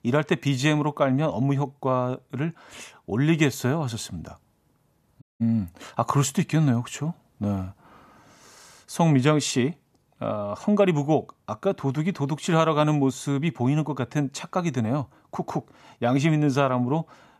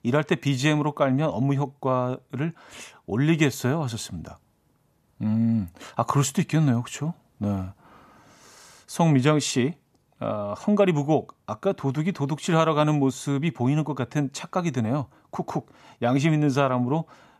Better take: second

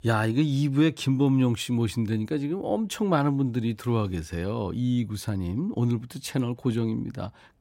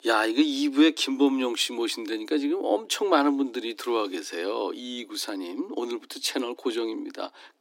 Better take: first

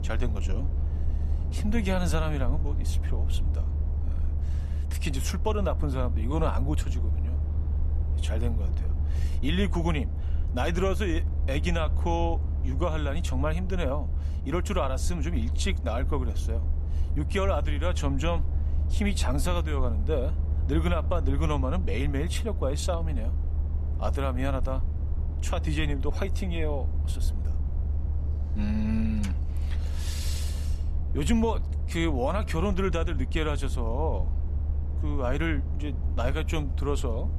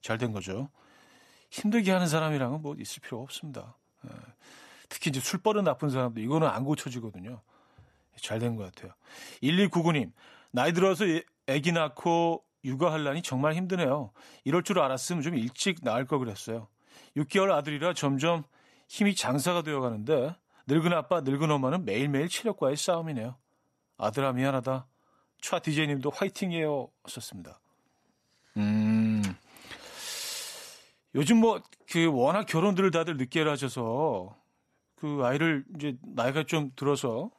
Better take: second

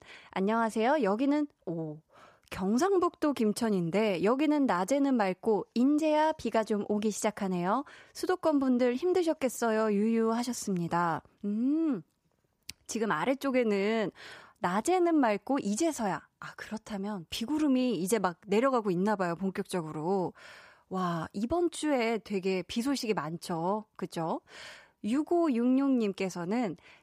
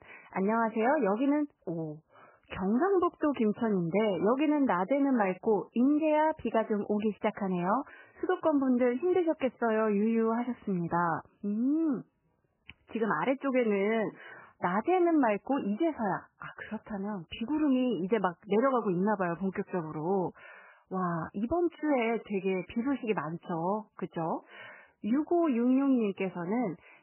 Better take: first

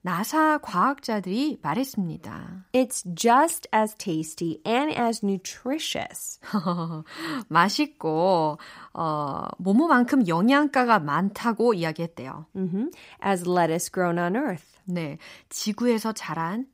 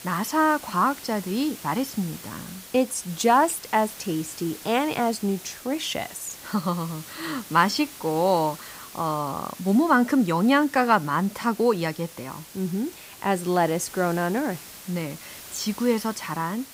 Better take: first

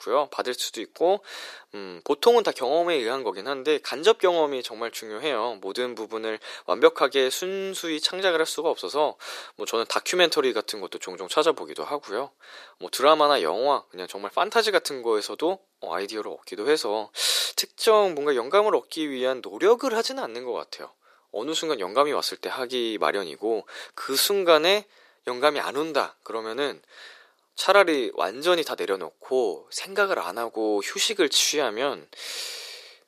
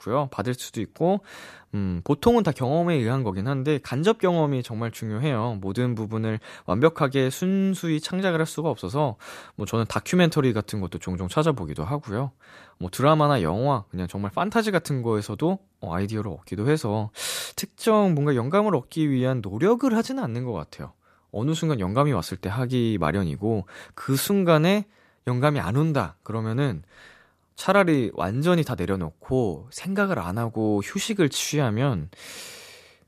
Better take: second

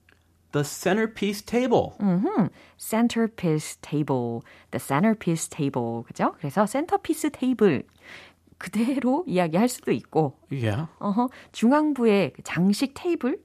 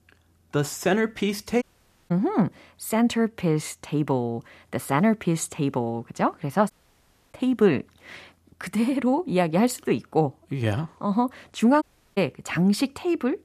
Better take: first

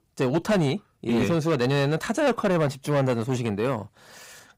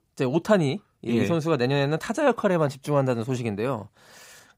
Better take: second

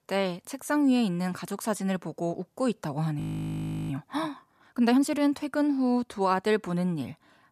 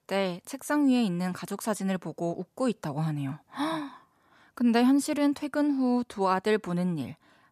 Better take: second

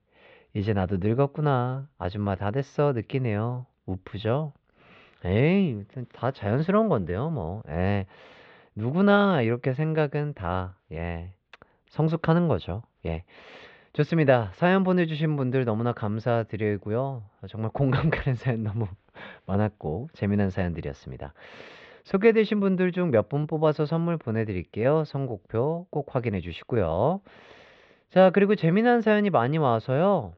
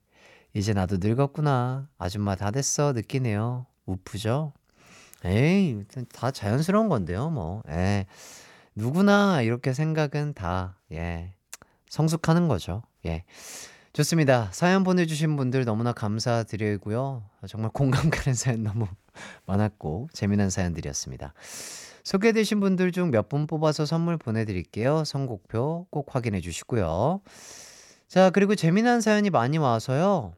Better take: second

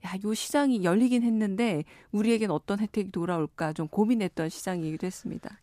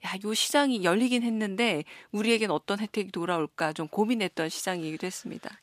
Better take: first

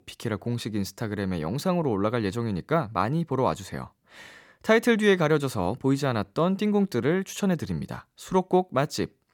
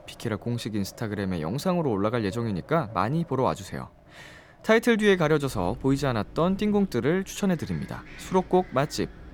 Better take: first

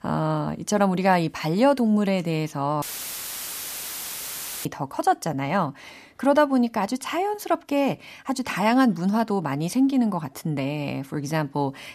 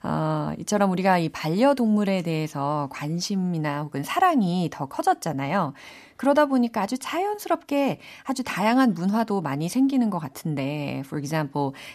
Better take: second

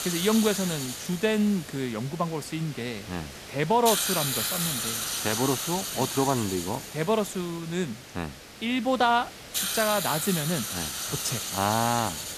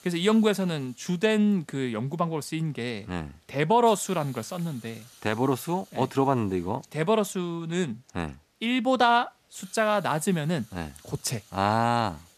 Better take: second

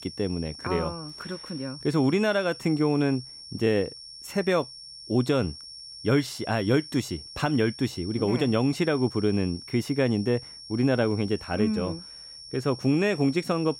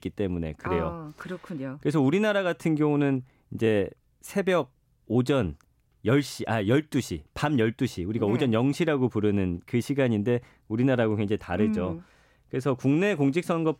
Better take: second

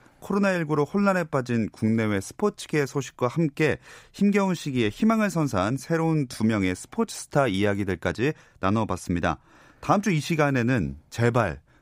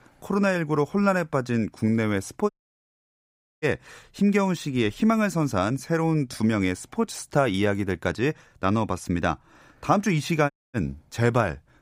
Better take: first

